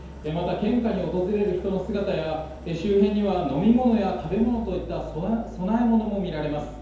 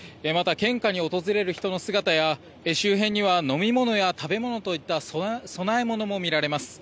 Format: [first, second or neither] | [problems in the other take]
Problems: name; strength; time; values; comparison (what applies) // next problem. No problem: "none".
second | background sound (Idling); 15 dB below the speech // room echo; dies away in 0.9 s